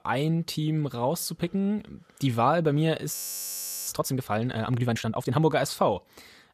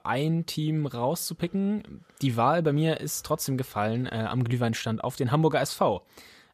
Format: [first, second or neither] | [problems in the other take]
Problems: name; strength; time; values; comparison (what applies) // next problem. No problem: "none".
second | audio freezing; at 3 s for 0.5 s